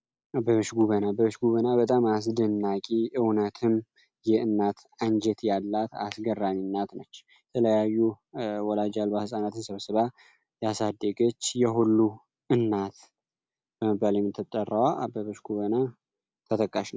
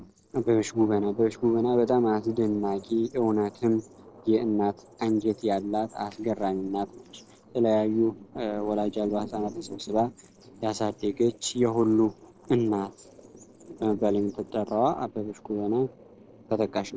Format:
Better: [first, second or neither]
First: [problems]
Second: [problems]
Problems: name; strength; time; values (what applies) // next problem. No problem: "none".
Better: first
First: none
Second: noise reduction (neural separator model SepFormer DNS4)